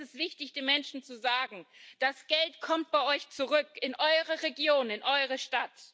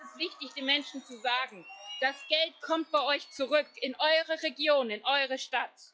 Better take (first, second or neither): first